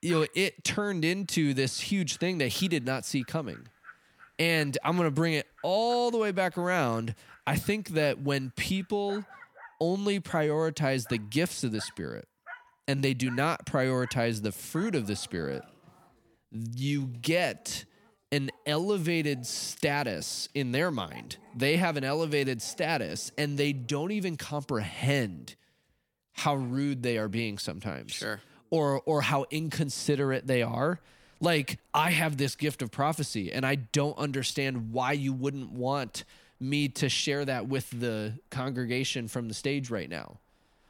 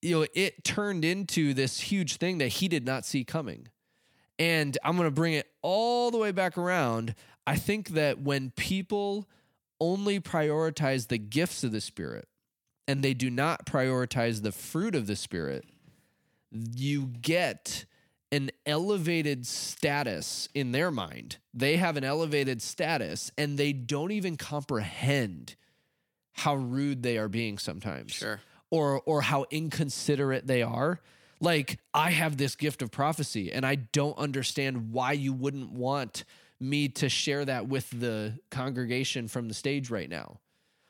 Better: second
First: animal sounds; faint; throughout; 25 dB below the speech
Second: none

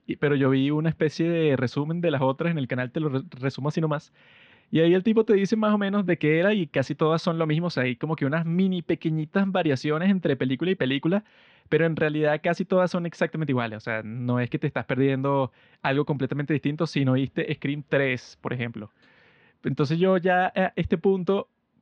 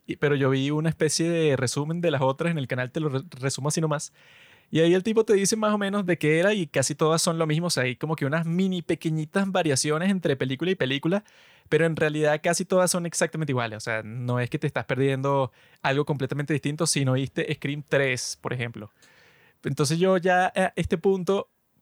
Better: second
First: muffled; slightly; fading above 4 kHz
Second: none

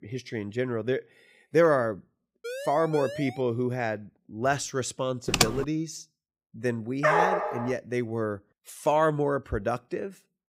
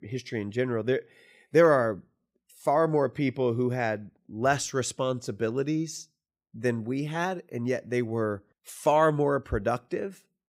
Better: second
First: siren; noticeable; at 2.5 s; peak 8 dB below the speech // keyboard typing; loud; at 5.5 s; peak 4 dB above the speech // dog barking; loud; at 7 s; peak 6 dB above the speech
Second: none

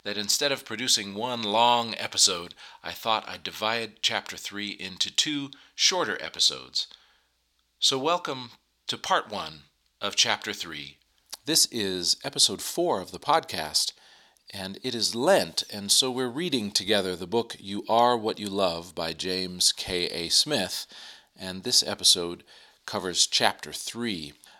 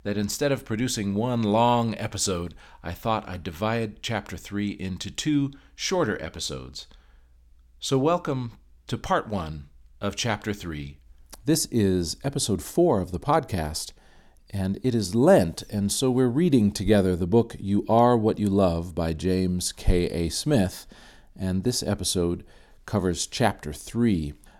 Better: second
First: thin; somewhat; fading below 950 Hz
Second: none

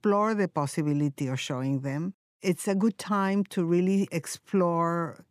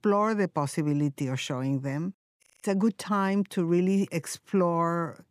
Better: first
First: none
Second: audio freezing; at 2.5 s

